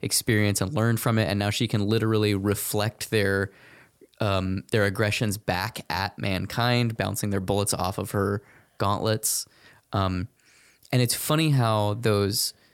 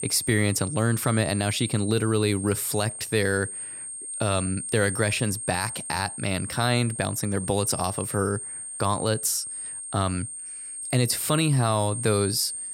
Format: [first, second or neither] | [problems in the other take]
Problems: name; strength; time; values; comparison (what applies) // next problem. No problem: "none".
first | high-pitched whine; loud; throughout; 8.5 kHz, 7 dB below the speech